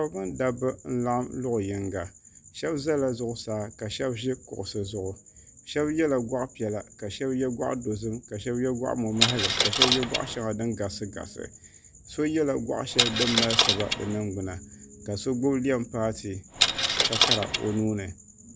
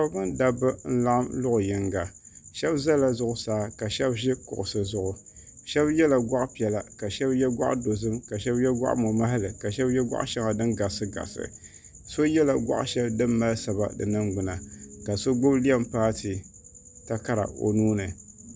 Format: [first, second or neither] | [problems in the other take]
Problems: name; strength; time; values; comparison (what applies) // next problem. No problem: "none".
second | background sound (Coin (dropping)); 4 dB above the speech